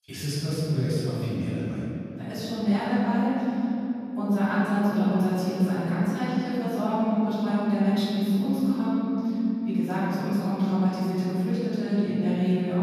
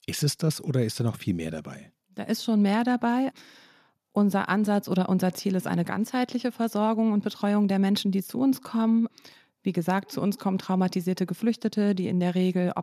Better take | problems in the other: second | off-mic speech; far // room echo; strong; dies away in 3 s

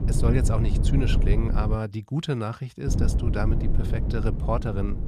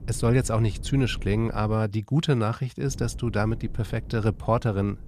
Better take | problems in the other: second | low rumble; loud; until 2 s and from 3 s on; 6 dB below the speech; faint in the second

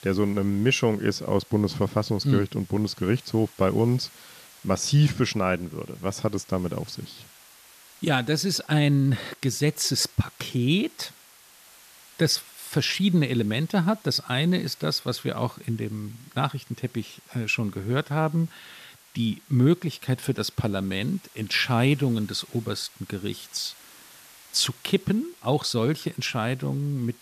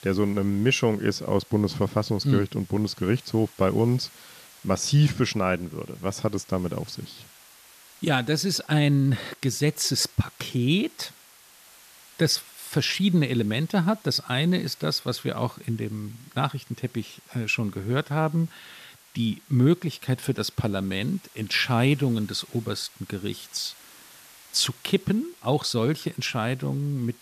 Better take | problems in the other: neither | hiss; faint; throughout; 25 dB below the speech; the same in both

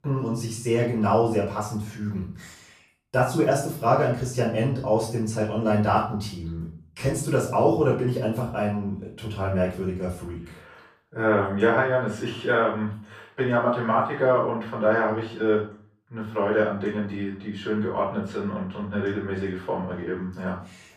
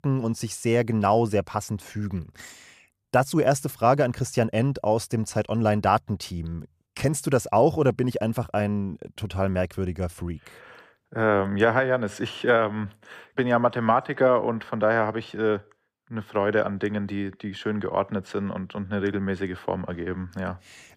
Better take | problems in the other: second | off-mic speech; far // room echo; noticeable; dies away in 0.4 s

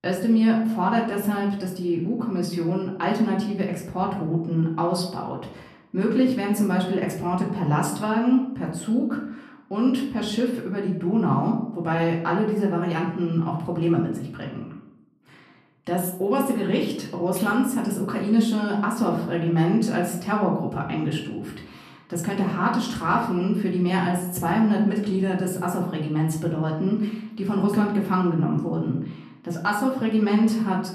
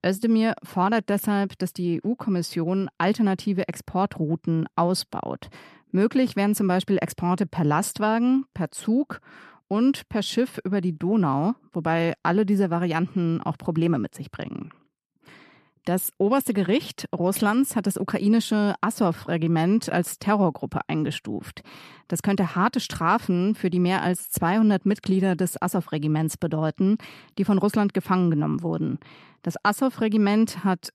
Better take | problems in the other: second | room echo; slight; dies away in 0.6 s // off-mic speech; far

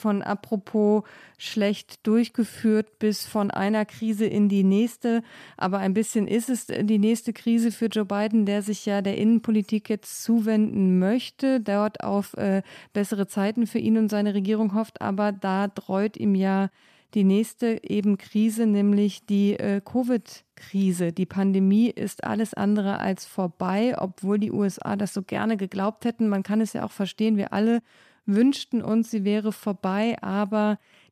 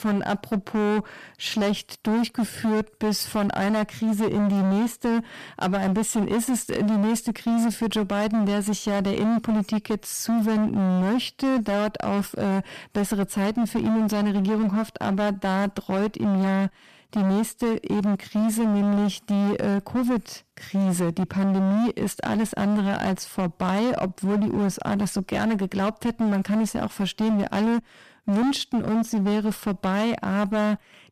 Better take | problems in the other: first | distortion; heavy; 25% of the sound clipped

